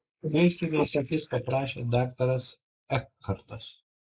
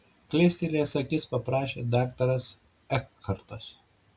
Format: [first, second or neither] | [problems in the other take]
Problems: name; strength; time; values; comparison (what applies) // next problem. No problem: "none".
second | noise reduction (neural mask model Resemble Enhance denoiser)